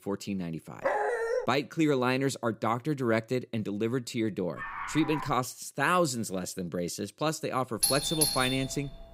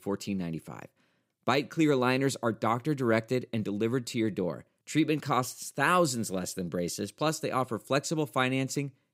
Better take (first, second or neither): second